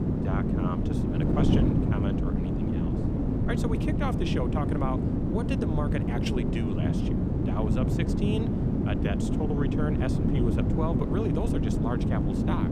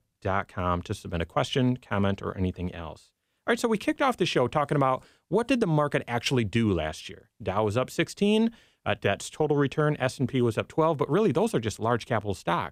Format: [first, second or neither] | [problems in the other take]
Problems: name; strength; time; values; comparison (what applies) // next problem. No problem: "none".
second | wind noise on the microphone; heavy; 2 dB above the speech